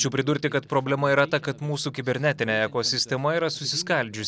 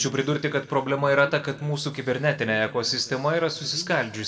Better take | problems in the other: first | room echo; dies away in 1.2 s

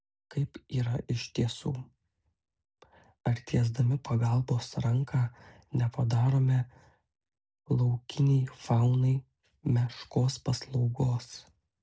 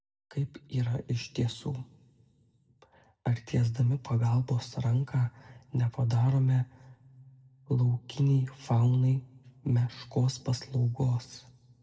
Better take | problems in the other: first | room echo; dies away in 0.7 s

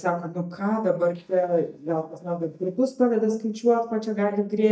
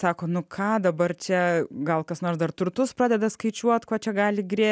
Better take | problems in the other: second | noise reduction (neural mask model DeepFilterNet 3)

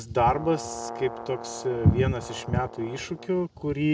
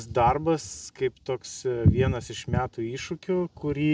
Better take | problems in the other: second | background sound (Brass instrument); 13 dB below the speech

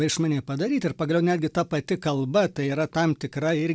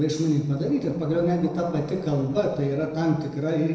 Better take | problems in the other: first | noise reduction (neural separator model SepFormer DNS4)

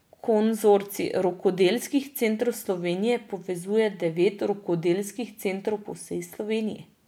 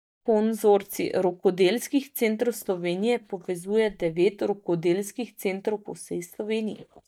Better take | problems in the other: first | noise reduction (neural mask model DeepFilterNet 3)

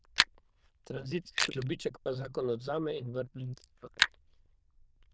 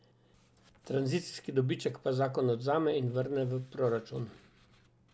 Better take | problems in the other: second | noise reduction (neural diffusion model UNIVERSE++)

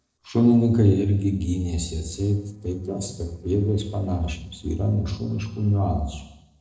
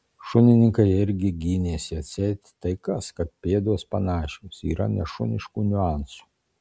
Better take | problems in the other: second | noise reduction (neural separator model SepFormer DNS4)

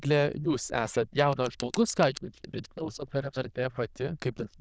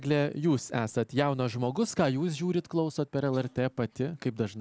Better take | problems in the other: second | noise reduction (neural diffusion model UNIVERSE++)

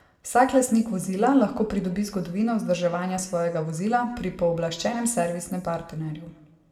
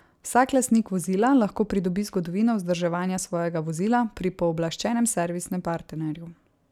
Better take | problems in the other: second | room echo; dies away in 0.8 s

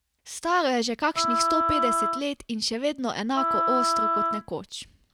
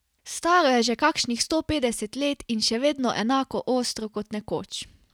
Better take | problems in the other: second | background sound (Wind instrument, woodwind instrument); 2 dB above the speech

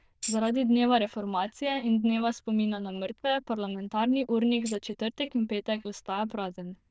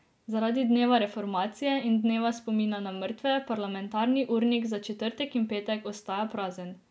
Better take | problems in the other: second | noise reduction (neural diffusion model UNIVERSE++)

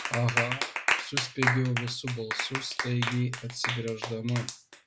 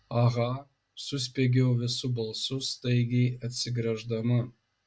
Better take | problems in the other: second | background sound (Clapping); 1 dB below the speech

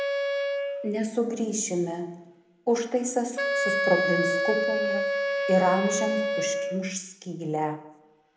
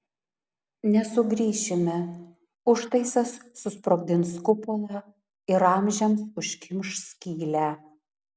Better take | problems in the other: second | background sound (Wind instrument, woodwind instrument); as loud as the speech // room echo; dies away in 0.7 s

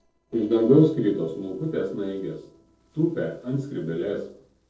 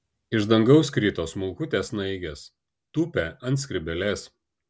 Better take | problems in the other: second | noise reduction (neural separator model SepFormer DNS4)

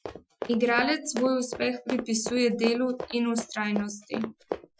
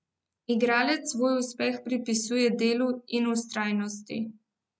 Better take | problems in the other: second | noise reduction (classical method Wiener filter)

